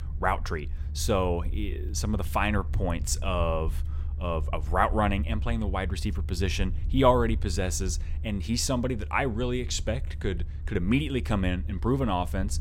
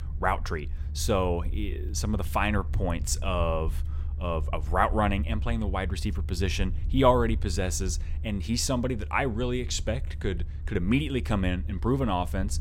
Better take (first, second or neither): neither